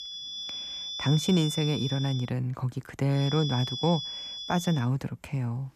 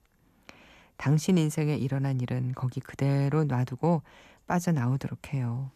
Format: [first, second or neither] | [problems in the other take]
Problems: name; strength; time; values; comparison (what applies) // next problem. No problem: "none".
second | high-pitched whine; loud; until 2 s and from 3 to 5 s; 3.5 kHz, 6 dB below the speech